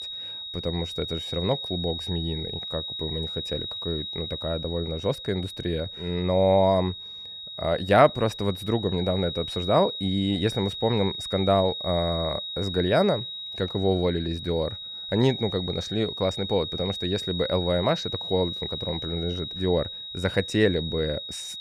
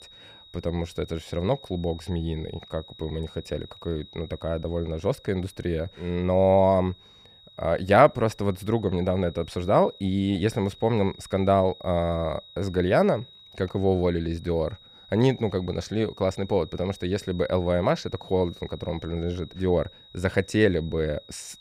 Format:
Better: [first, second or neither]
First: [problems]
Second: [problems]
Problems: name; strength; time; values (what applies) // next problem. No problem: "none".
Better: second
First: high-pitched whine; loud; throughout; 4 kHz, 6 dB below the speech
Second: high-pitched whine; faint; throughout; 4 kHz, 20 dB below the speech